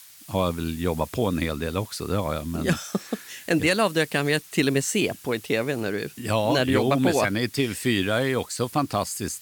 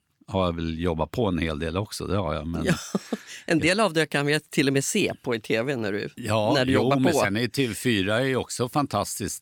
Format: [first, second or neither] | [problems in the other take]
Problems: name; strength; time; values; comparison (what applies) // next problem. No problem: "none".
second | hiss; noticeable; throughout; 20 dB below the speech